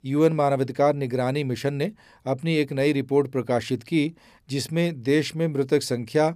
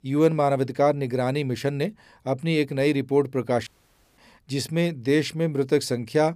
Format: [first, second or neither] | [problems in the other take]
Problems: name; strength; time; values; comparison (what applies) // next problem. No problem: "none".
first | audio cutting out; at 3.5 s for 0.5 s